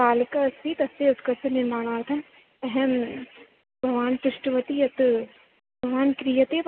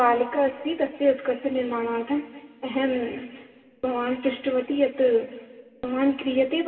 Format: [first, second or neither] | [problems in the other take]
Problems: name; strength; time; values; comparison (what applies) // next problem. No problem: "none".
first | room echo; dies away in 2.1 s